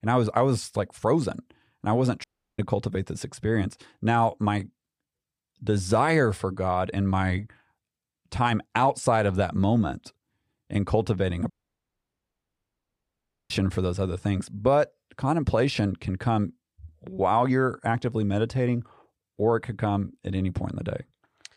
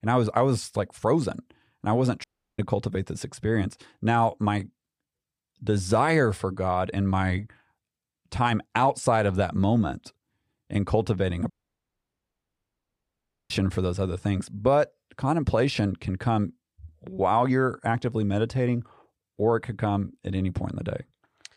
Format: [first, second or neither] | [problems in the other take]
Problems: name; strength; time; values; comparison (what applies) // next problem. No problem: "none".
neither | audio cutting out; at 2 s and at 12 s for 2 s; the same in both